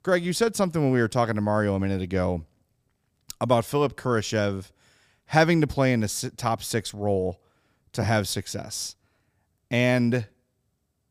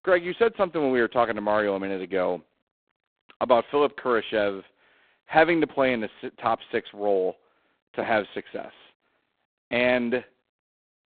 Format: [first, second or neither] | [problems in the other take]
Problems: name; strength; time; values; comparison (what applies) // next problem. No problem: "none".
first | phone-call audio; poor line; nothing above 4 kHz